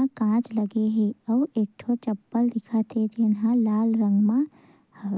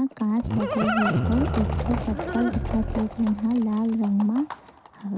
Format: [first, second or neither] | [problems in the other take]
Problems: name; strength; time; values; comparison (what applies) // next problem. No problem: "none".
first | background sound (Livestock, farm animals, working animals); 4 dB below the speech